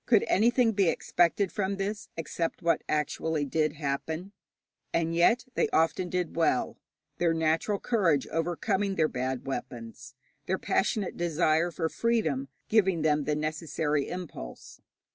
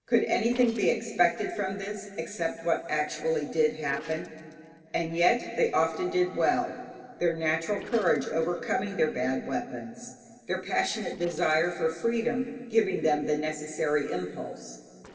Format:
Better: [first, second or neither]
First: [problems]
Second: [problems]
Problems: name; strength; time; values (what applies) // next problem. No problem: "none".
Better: first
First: none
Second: noise reduction (neural separator model SepFormer DNS4)